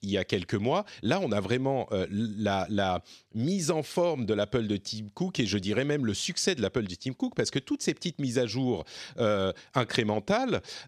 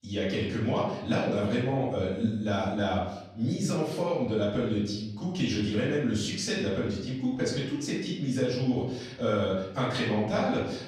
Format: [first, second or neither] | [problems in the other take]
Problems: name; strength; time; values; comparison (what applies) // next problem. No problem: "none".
first | room echo; noticeable; dies away in 0.8 s // off-mic speech; far